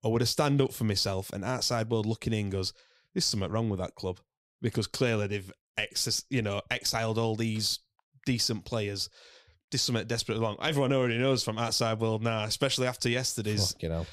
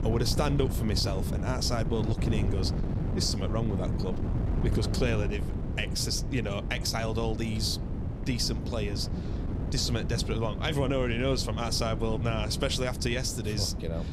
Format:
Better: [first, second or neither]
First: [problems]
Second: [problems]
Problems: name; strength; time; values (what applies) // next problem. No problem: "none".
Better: first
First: none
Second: wind noise on the microphone; heavy; 9 dB below the speech